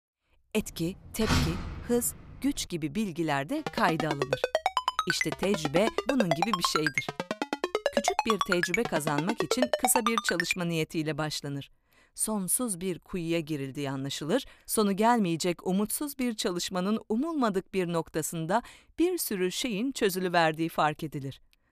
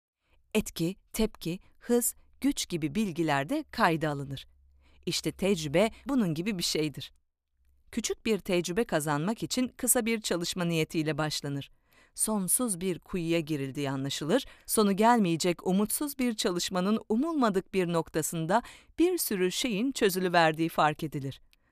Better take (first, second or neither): second